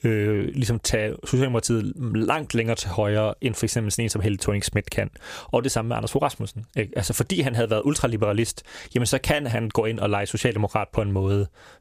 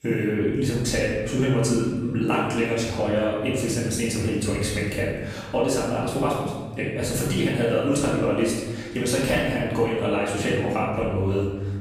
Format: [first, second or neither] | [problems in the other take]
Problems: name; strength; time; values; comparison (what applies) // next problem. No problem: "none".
first | room echo; noticeable; dies away in 1.2 s // off-mic speech; far